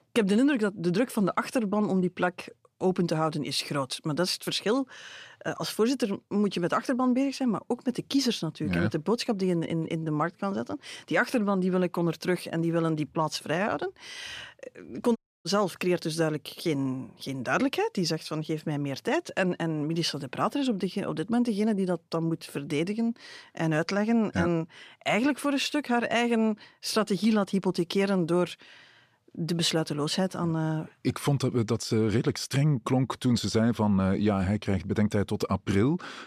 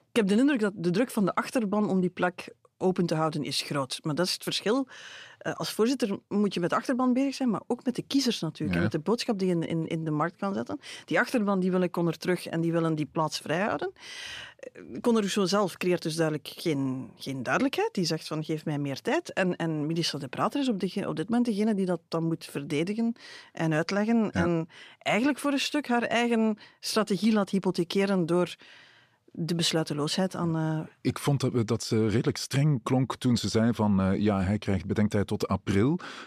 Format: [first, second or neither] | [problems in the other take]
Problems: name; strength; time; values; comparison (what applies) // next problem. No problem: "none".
second | audio cutting out; at 15 s